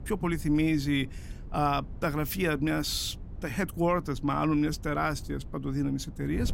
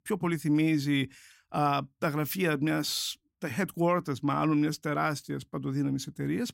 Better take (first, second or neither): second